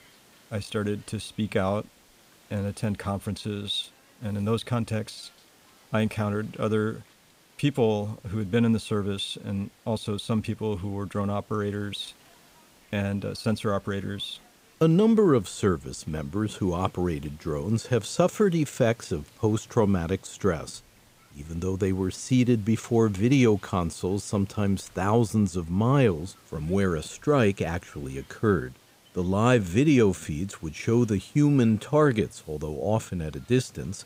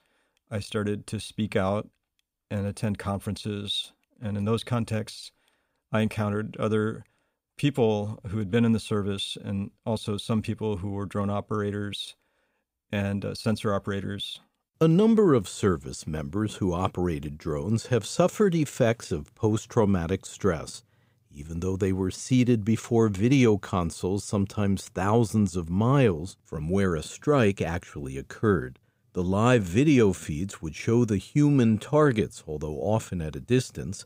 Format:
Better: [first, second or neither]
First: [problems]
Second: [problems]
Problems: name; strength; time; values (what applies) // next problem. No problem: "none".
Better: second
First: hiss; faint; throughout; 30 dB below the speech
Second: none